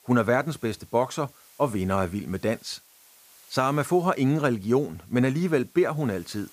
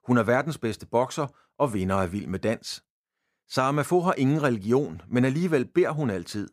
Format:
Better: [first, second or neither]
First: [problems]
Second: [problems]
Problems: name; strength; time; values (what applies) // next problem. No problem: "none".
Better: second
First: hiss; faint; throughout; 25 dB below the speech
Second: none